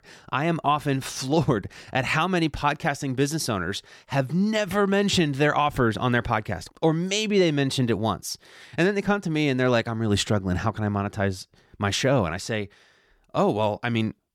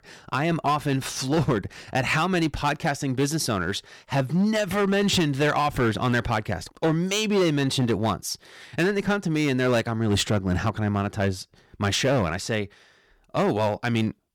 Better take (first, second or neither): first